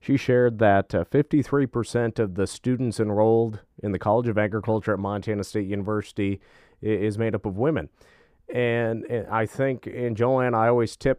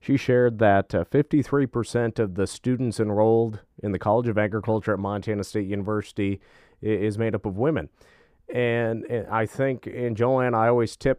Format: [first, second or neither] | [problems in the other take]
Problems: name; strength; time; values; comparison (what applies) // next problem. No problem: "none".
neither | muffled; slightly; fading above 1.5 kHz; the same in both